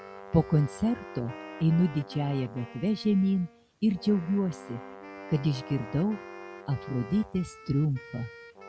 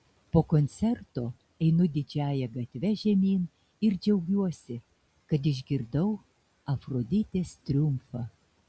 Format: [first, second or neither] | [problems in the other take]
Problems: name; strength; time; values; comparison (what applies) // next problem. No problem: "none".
second | background sound (Brass instrument + Wind instrument, woodwind instrument); 16 dB below the speech